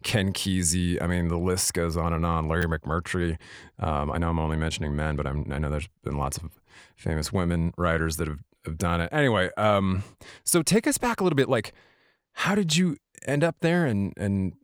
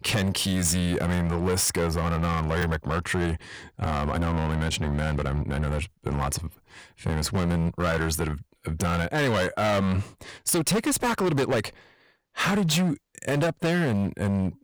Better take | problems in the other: first | distortion; heavy; 16% of the sound clipped

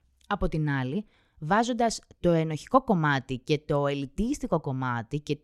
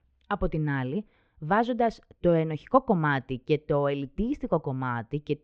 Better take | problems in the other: first | muffled; very; fading above 3 kHz

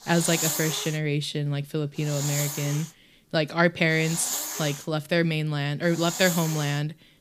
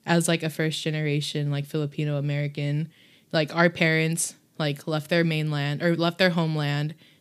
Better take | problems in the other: second | hiss; loud; throughout; 4 dB below the speech

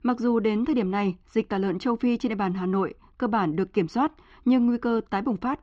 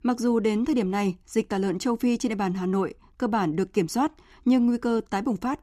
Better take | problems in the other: second | muffled; slightly; fading above 4 kHz

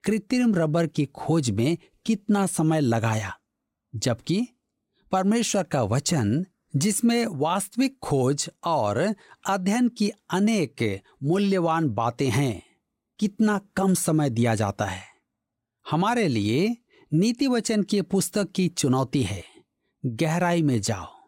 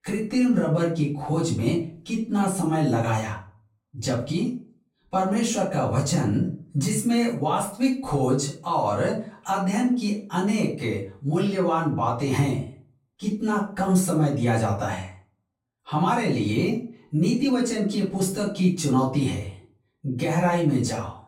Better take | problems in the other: first | room echo; slight; dies away in 0.4 s // off-mic speech; far

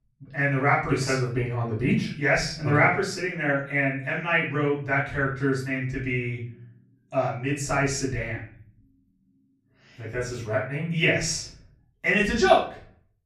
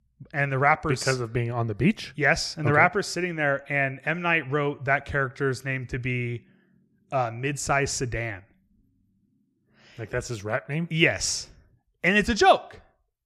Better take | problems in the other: second | room echo; slight; dies away in 0.4 s // off-mic speech; far

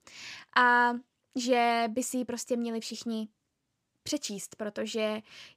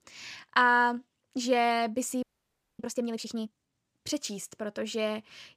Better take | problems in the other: first | audio freezing; at 2 s for 0.5 s

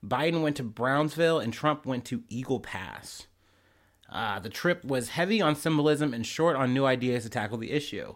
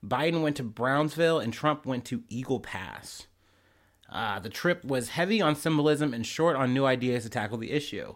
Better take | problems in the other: neither | none

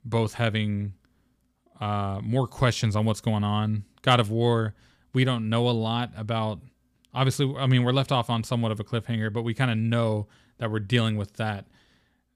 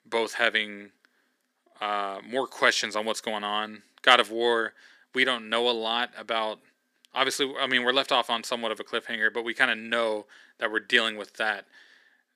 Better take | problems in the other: first | thin; very; fading below 300 Hz

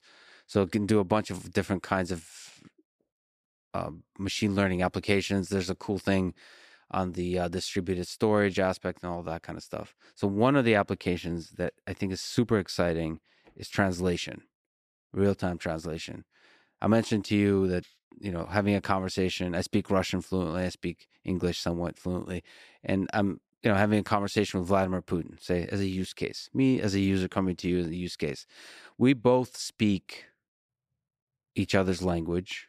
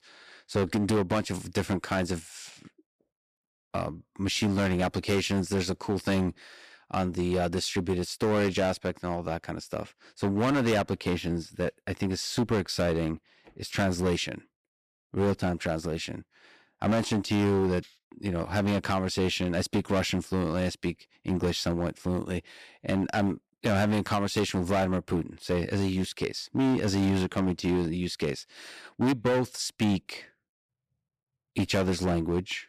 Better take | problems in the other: first | distortion; heavy; 9% of the sound clipped

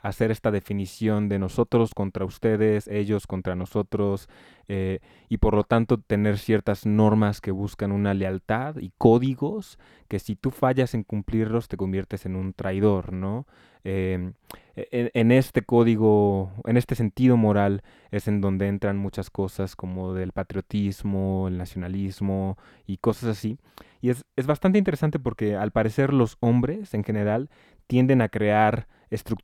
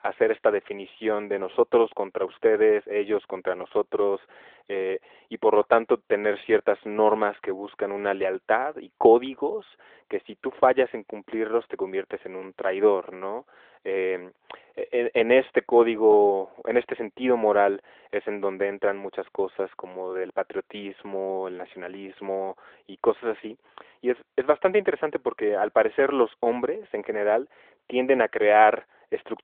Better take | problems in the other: first | phone-call audio

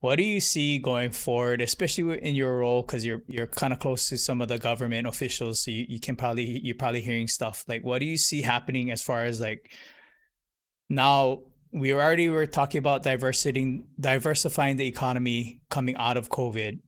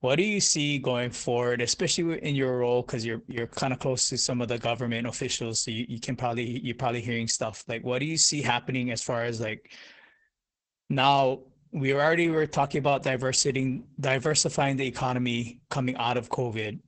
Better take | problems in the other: first | garbled, watery; badly; nothing above 8 kHz; slightly in the first

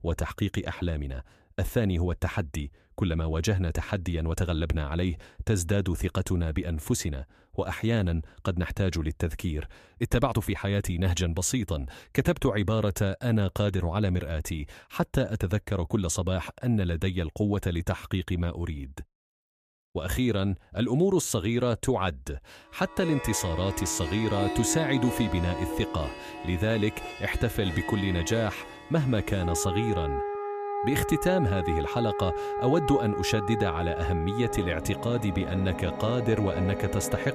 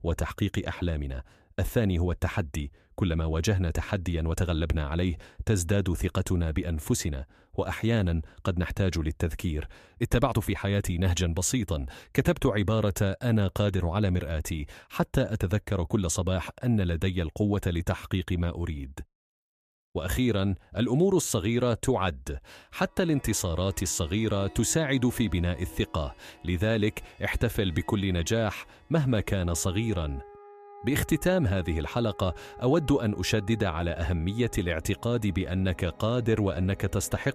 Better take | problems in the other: second | background music; loud; from 23 s on; 5 dB below the speech; faint in the second

